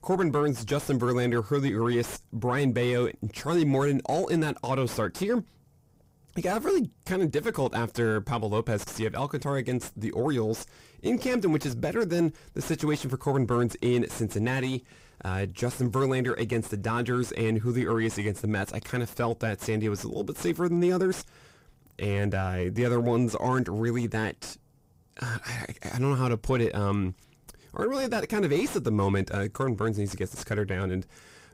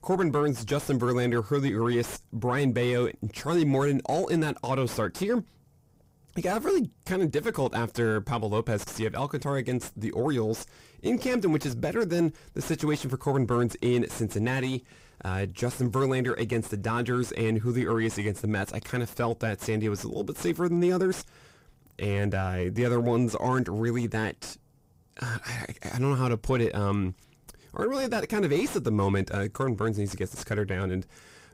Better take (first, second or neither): neither